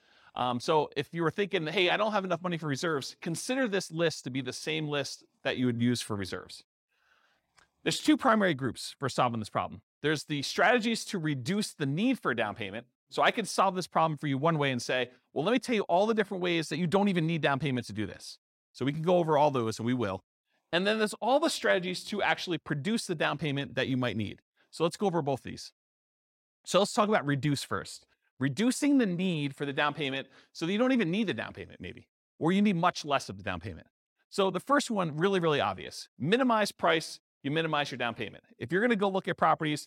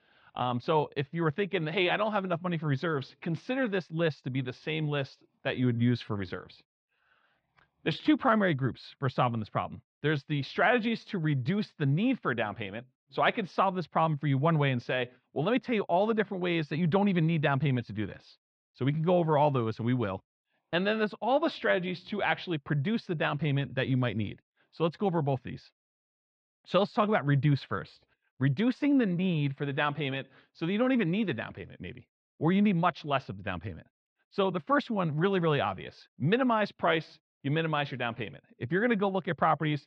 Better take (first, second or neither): first